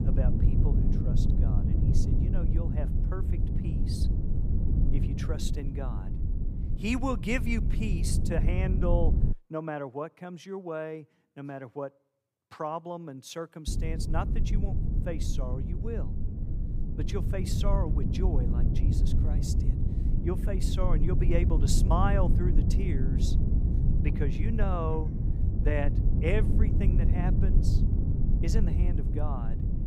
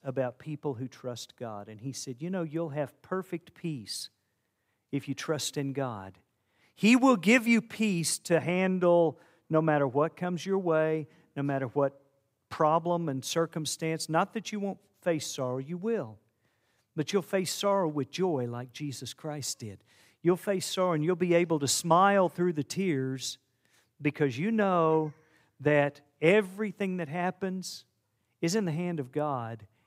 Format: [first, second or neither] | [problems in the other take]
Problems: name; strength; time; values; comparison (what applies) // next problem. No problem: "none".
second | low rumble; loud; until 9.5 s and from 14 s on; 5 dB below the speech